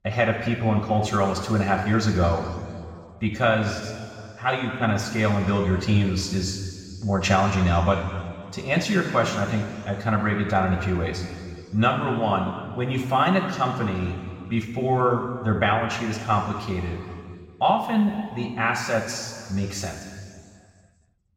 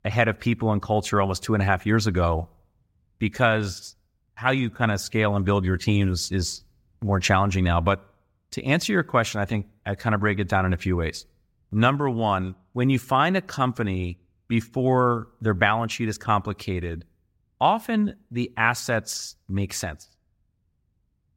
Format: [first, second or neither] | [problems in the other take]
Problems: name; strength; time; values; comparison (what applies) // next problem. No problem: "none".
second | room echo; noticeable; dies away in 2.1 s // off-mic speech; far